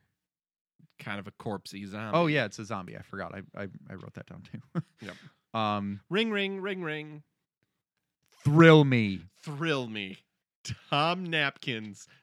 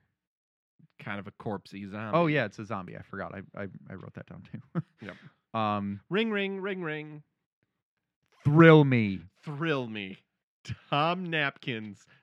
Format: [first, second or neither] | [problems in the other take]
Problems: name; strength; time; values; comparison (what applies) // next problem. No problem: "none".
first | muffled; slightly; fading above 4 kHz